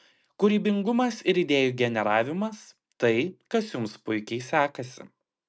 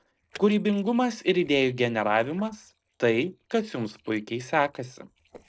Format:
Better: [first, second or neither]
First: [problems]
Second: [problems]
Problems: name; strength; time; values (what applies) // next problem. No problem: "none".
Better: first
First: none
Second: noise reduction (neural separator model SepFormer DNS4)